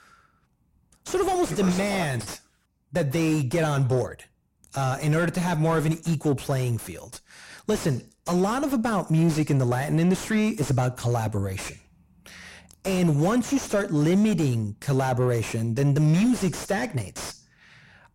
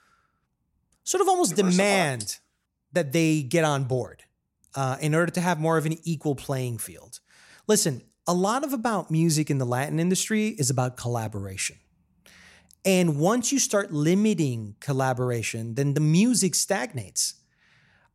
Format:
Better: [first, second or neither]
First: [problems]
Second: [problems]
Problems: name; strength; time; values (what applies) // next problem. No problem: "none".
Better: second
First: distortion; heavy; 6 dB below the speech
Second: none